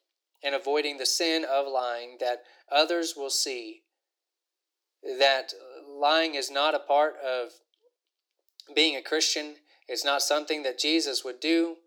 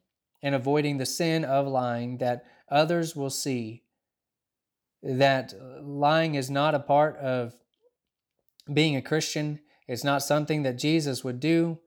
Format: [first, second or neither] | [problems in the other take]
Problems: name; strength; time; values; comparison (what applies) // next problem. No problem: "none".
second | thin; very; fading below 300 Hz